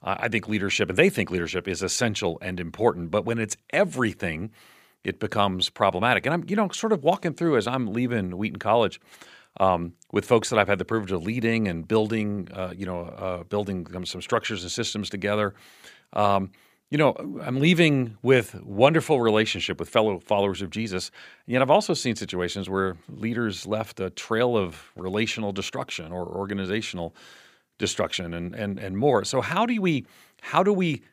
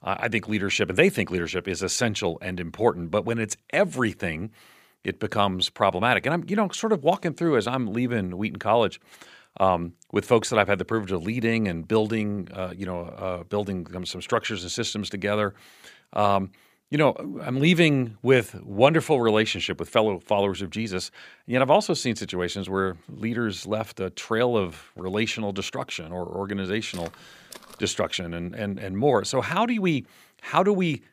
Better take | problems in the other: first | footsteps; faint; at 27 s; peak 20 dB below the speech

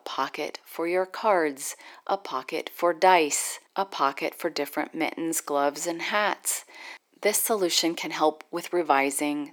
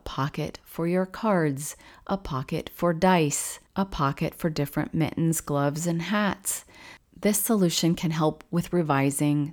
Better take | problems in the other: second | thin; very; fading below 350 Hz

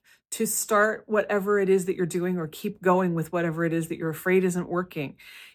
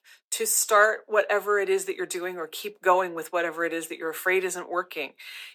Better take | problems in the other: first | thin; very; fading below 450 Hz

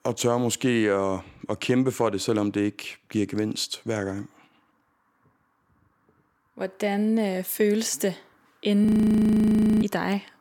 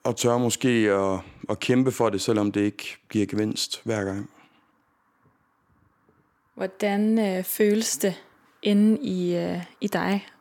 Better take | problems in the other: second | audio freezing; at 9 s for 1 s

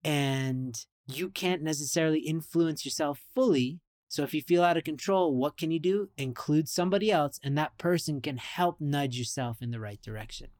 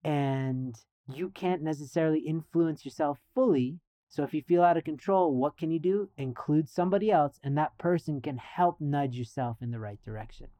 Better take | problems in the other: first | muffled; very; fading above 2.5 kHz

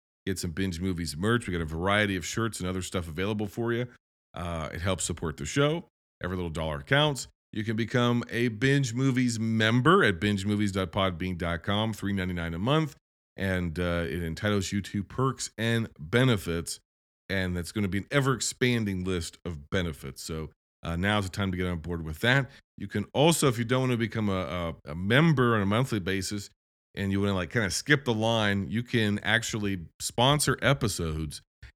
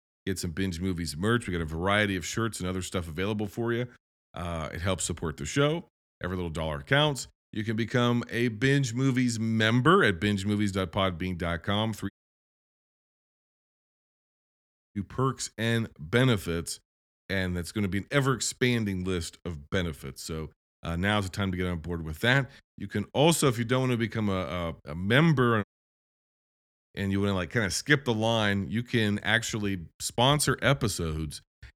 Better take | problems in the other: first | audio cutting out; at 12 s for 3 s and at 26 s for 1 s

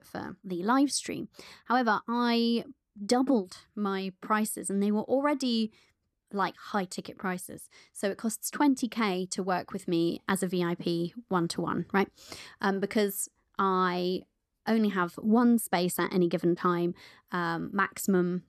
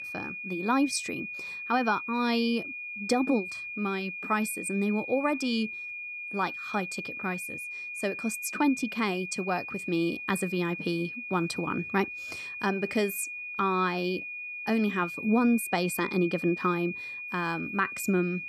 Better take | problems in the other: first | high-pitched whine; loud; throughout; 2.5 kHz, 6 dB below the speech

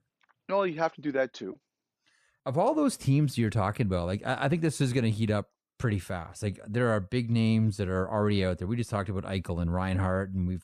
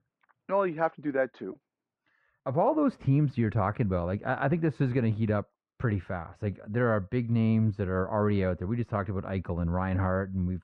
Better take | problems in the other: first | muffled; very; fading above 1.5 kHz

